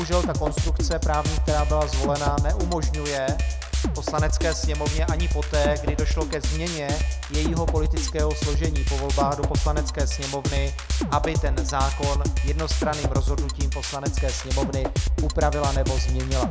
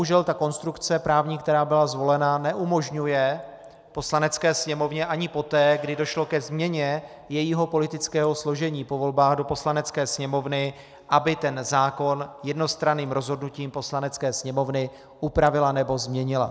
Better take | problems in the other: second | background sound (Drum kit); 4 dB above the speech

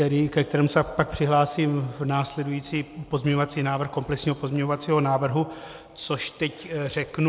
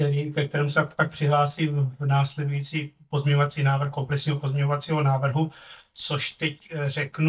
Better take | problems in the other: first | noise reduction (neural mask model DeepFilterNet 3)

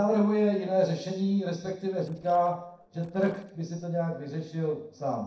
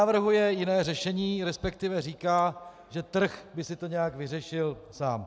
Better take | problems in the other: second | noise reduction (neural separator model SepFormer DNS4)

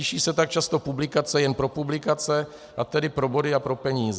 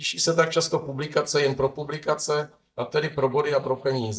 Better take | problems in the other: first | noise reduction (neural mask model DeepFilterNet 3)

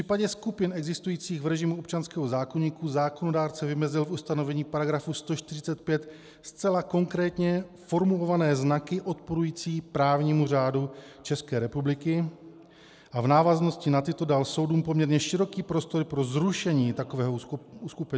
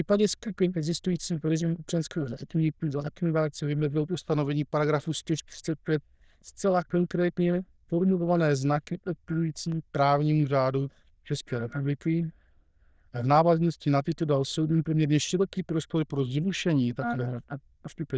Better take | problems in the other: first | noise reduction (neural diffusion model UNIVERSE++)

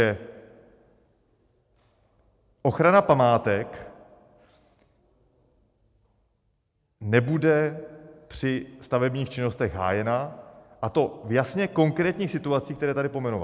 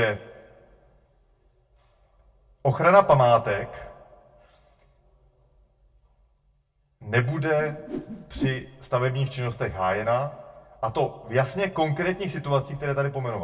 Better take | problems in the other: first | background sound (Whoosh, swoosh, swish); 9 dB below the speech // room echo; dies away in 0.1 s

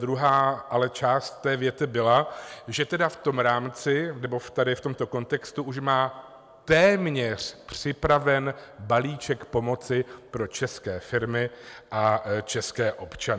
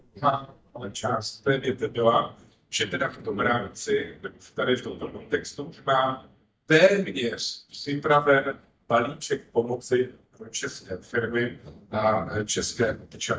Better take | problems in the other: first | noise reduction (neural mask model DeepFilterNet 3)

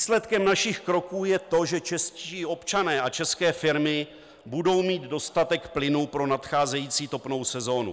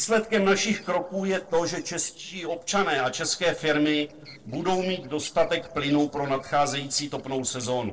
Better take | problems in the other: first | noise reduction (neural separator model SepFormer DNS4)

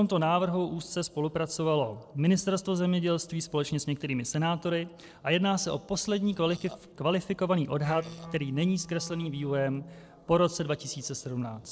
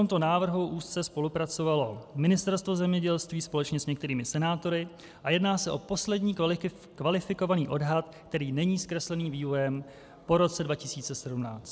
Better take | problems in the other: second | noise reduction (neural separator model SepFormer DNS4)

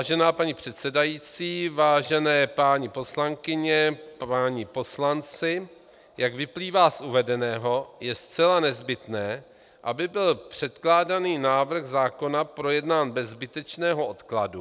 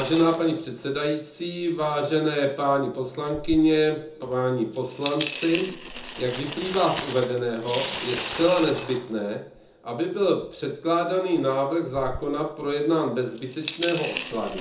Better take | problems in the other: first | background sound (Coin (dropping)); 12 dB below the speech // room echo; dies away in 0.5 s

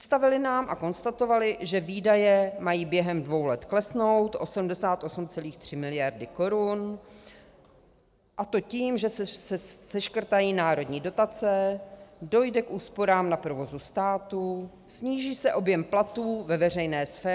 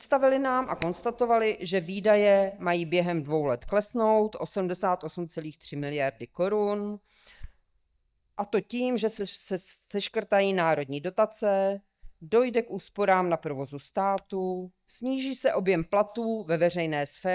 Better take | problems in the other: first | noise reduction (neural mask model DeepFilterNet 3)

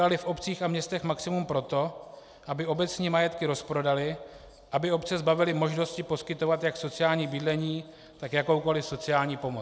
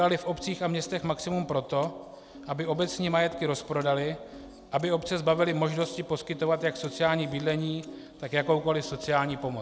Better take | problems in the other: first | background sound (Piano); 18 dB below the speech

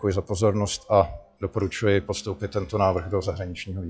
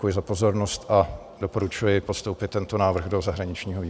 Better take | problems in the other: second | noise reduction (classical method log-MMSE)

